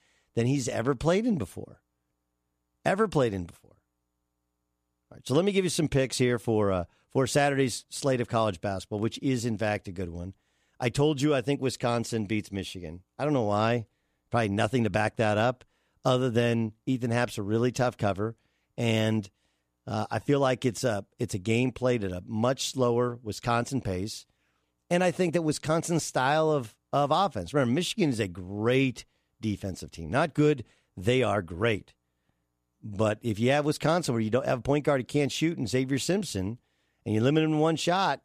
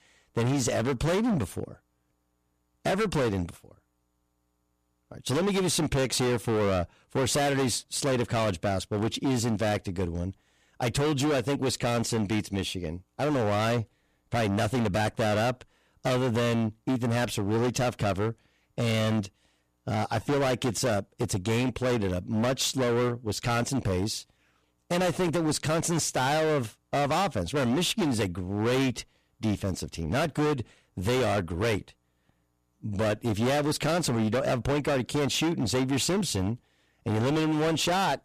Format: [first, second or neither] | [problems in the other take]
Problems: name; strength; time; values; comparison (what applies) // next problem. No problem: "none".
first | distortion; heavy; 22% of the sound clipped